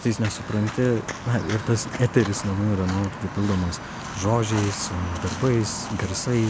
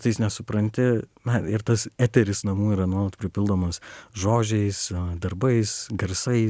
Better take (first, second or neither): second